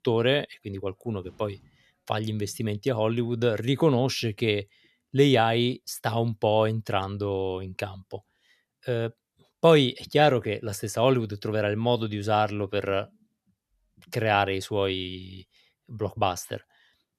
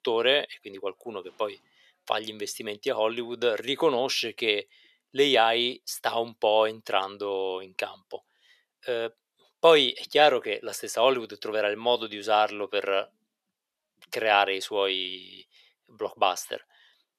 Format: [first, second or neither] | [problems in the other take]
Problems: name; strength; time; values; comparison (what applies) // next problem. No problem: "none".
first | thin; somewhat; fading below 500 Hz